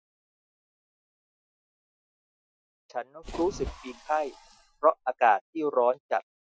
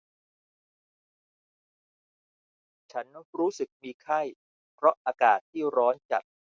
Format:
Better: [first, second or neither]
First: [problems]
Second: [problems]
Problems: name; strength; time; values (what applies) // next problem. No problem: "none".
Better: second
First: noise reduction (classical method Wiener filter)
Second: none